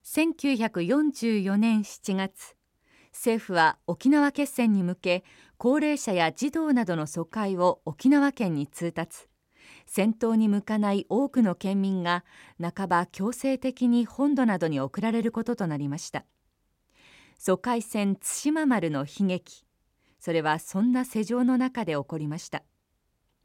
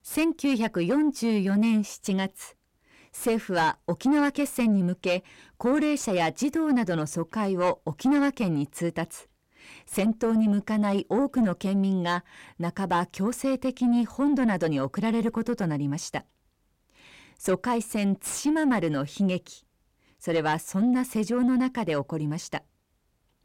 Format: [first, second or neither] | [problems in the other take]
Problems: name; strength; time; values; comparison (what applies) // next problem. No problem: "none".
first | distortion; slight; 10 dB below the speech